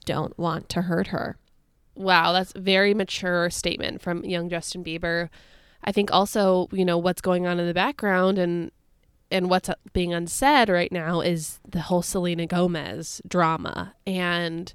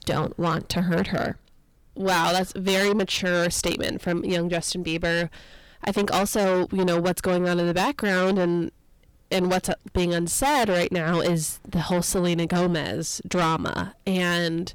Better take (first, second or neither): first